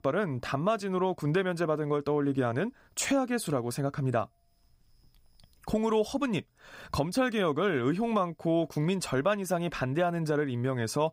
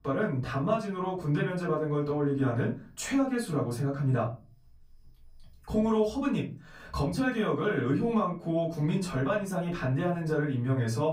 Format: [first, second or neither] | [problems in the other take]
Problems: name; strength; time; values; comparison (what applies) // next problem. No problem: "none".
first | off-mic speech; far // room echo; slight; dies away in 0.4 s